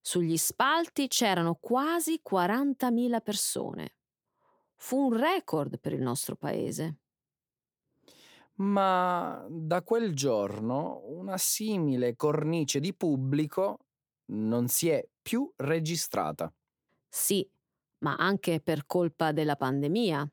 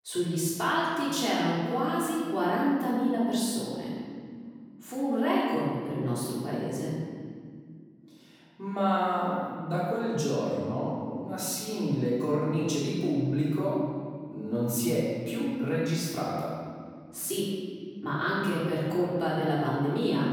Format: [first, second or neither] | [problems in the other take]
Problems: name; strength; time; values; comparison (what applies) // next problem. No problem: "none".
first | off-mic speech; far // room echo; strong; dies away in 2.1 s